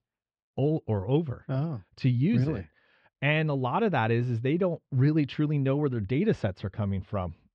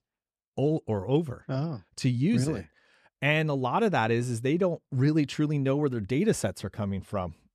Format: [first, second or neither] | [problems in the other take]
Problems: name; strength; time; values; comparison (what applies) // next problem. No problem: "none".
second | muffled; slightly; fading above 4 kHz